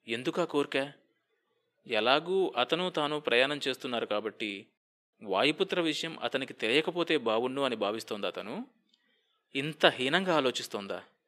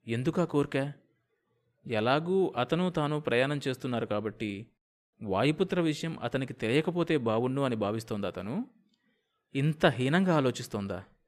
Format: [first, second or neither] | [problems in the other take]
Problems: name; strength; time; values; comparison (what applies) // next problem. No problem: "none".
second | thin; somewhat; fading below 350 Hz